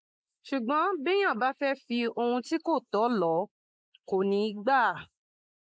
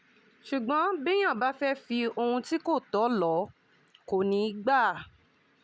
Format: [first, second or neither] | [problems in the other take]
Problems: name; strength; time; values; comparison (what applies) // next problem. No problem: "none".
second | noise reduction (neural mask model Resemble Enhance denoiser)